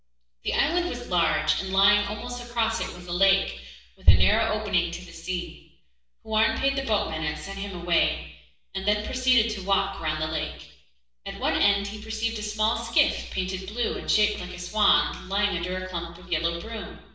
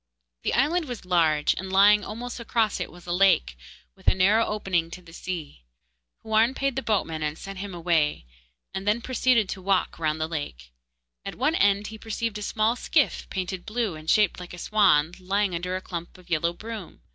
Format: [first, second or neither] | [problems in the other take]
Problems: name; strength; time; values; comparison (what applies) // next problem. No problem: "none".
second | room echo; dies away in 0.7 s